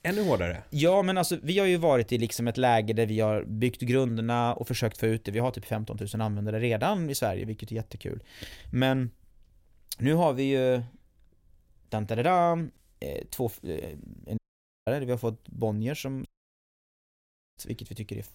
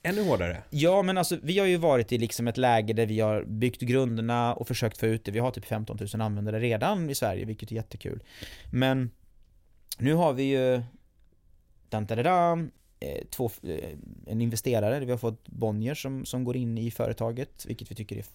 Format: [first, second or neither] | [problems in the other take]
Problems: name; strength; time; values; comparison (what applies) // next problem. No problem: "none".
second | audio cutting out; at 14 s and at 16 s for 1.5 s